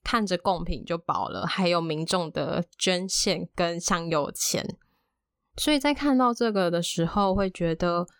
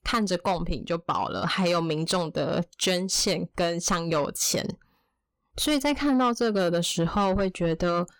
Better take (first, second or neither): first